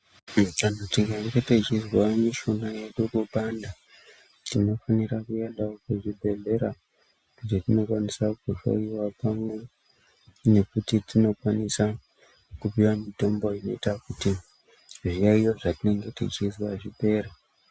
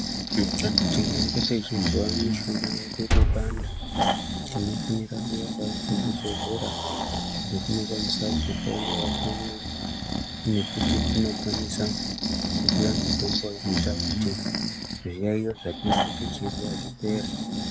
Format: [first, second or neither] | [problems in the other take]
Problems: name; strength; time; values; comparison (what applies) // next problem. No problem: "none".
first | background sound (Breathing + Liquid); 4 dB above the speech